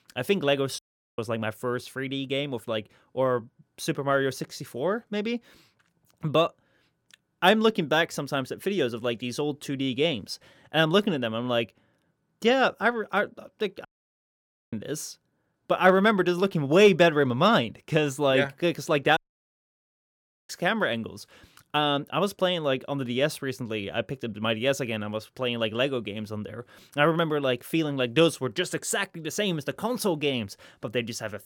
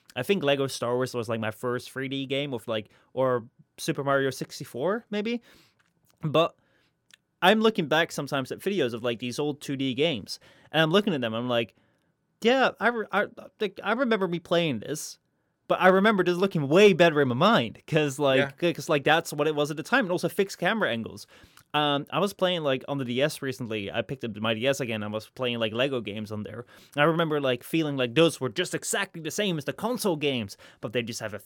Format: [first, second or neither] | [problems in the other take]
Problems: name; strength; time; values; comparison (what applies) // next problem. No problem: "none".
second | audio cutting out; at 1 s, at 14 s for 1 s and at 19 s for 1.5 s